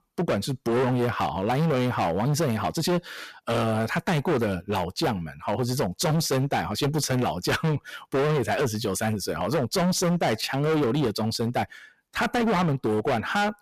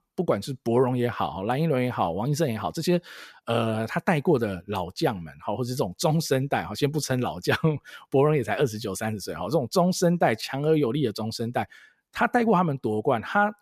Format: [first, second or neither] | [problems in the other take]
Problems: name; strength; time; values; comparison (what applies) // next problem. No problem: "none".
second | distortion; heavy; 21% of the sound clipped